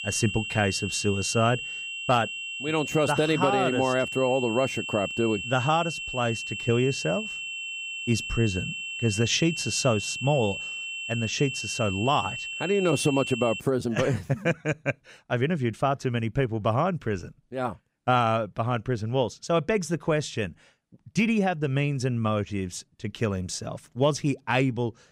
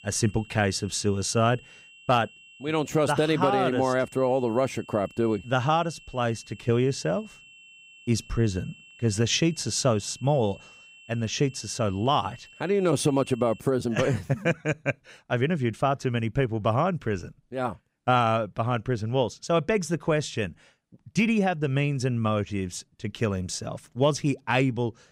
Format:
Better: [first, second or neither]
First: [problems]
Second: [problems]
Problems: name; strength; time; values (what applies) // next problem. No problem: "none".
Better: second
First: high-pitched whine; loud; until 14 s; 2.5 kHz, 5 dB below the speech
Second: high-pitched whine; faint; until 14 s; 2.5 kHz, 20 dB below the speech